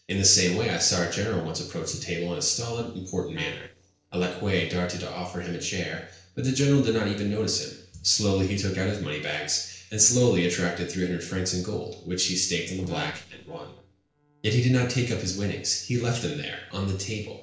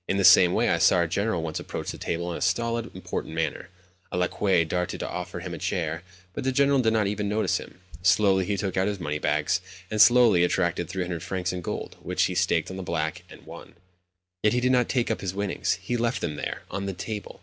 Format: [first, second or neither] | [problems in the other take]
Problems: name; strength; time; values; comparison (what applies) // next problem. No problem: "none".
second | noise reduction (neural separator model SepFormer DNS4)